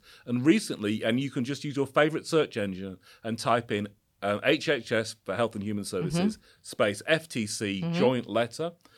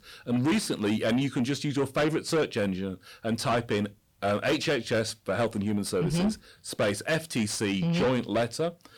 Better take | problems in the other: first | distortion; heavy; 6 dB below the speech

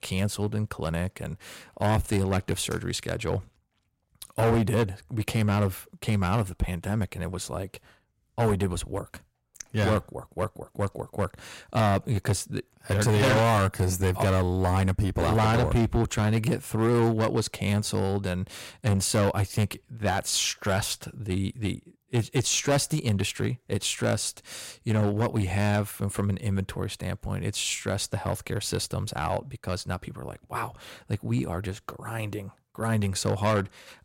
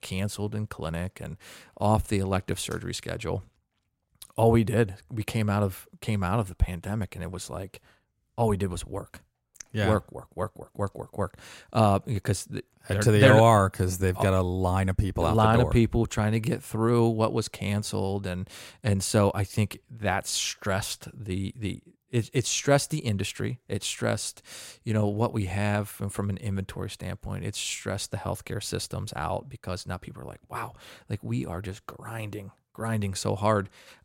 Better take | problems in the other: second | distortion; heavy; 7% of the sound clipped

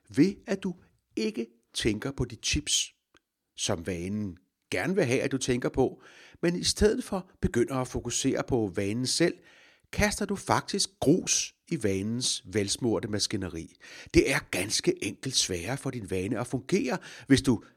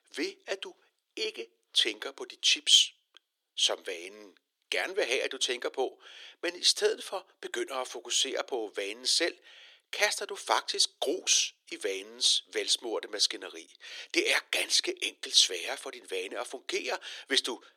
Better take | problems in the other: first | thin; very; fading below 400 Hz

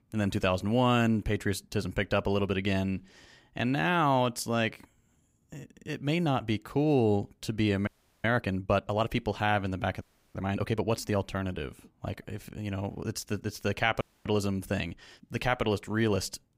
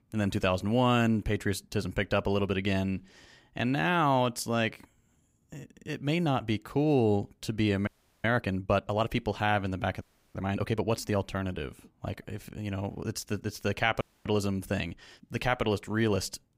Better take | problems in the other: neither | audio freezing; at 8 s, at 10 s and at 14 s; the same in both

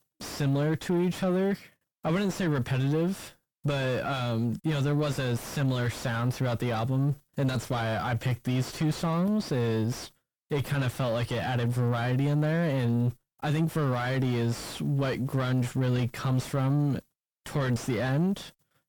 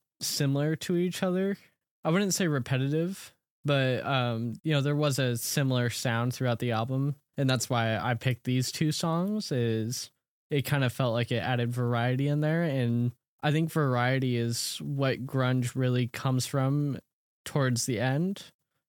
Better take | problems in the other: second | distortion; heavy; 7 dB below the speech

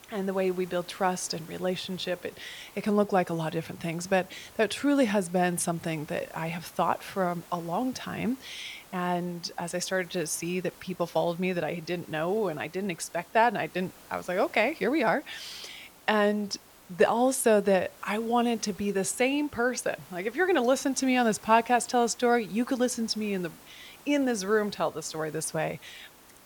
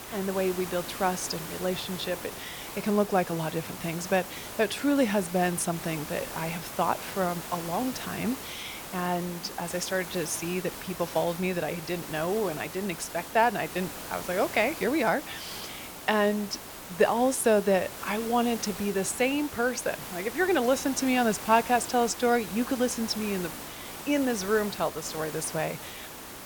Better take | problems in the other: first | hiss; loud; throughout; 10 dB below the speech; faint in the first

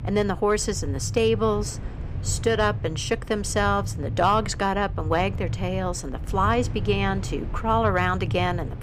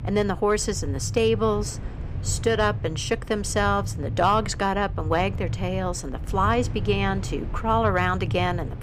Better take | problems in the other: neither | low rumble; noticeable; throughout; 20 dB below the speech; the same in both

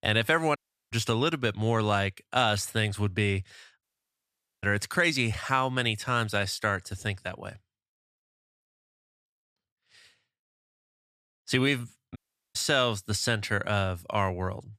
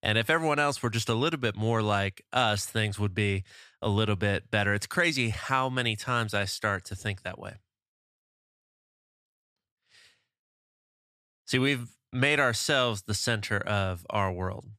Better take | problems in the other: second | audio cutting out; at 0.5 s, at 4 s for 1 s and at 12 s

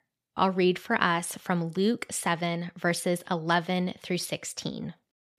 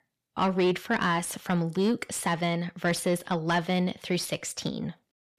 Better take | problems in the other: first | distortion; slight; 10 dB below the speech

